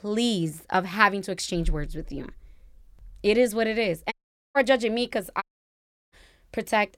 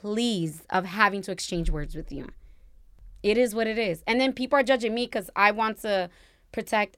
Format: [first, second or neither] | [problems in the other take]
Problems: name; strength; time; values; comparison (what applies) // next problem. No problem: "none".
second | audio cutting out; at 4 s and at 5.5 s for 0.5 s